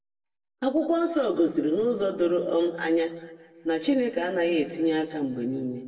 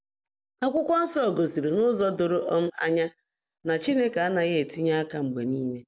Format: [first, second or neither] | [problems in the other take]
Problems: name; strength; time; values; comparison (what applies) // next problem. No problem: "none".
second | room echo; dies away in 1.2 s